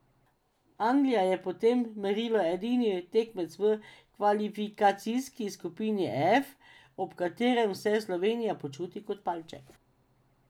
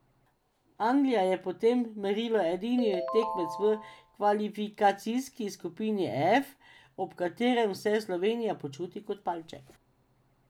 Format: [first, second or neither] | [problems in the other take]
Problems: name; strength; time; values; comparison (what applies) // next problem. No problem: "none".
first | background sound (Ringtone); 7 dB below the speech